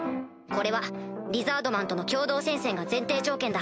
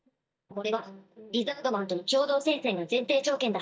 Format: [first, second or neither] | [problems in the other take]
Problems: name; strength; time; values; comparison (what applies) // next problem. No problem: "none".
first | noise reduction (neural mask model DeepFilterNet 3)